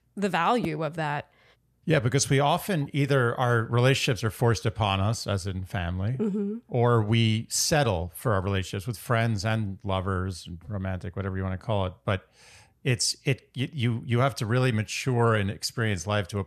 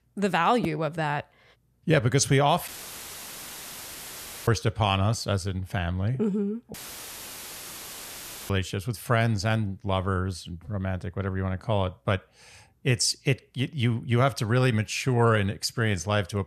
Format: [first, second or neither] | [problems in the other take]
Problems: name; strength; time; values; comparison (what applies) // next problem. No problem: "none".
first | audio cutting out; filled with static; at 2.5 s for 2 s and at 6.5 s for 2 s